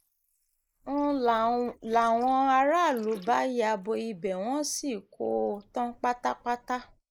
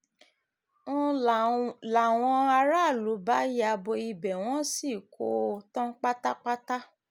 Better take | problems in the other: second | noise reduction (neural mask model Resemble Enhance denoiser)

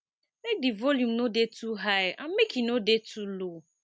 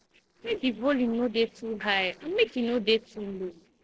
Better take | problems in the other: first | noise reduction (neural separator model SepFormer DNS4)

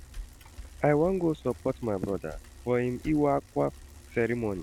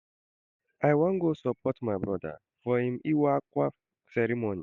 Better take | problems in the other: second | background sound (Bicycle); 17 dB below the speech

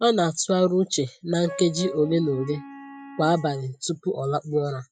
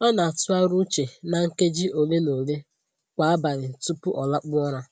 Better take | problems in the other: second | noise reduction (classical method Wiener filter)

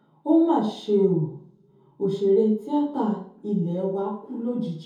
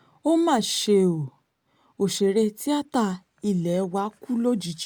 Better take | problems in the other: second | room echo; dies away in 0.6 s

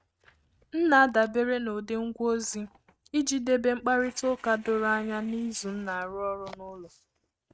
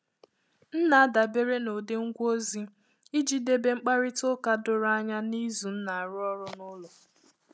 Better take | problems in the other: second | noise reduction (neural mask model RNNoise)

